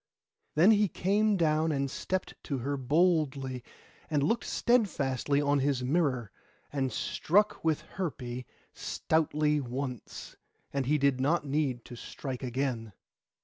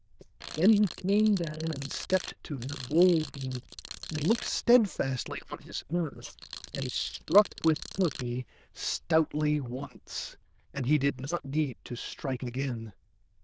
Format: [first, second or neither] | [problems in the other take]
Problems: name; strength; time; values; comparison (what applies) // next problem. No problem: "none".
first | noise reduction (neural diffusion model UNIVERSE++)